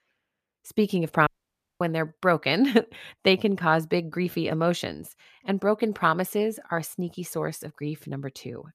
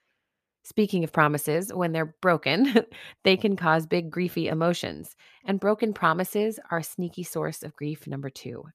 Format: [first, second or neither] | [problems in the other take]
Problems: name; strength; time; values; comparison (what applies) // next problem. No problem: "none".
second | audio cutting out; at 1.5 s for 0.5 s